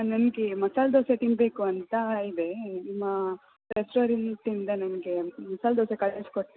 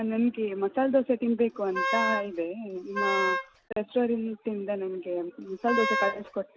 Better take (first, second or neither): first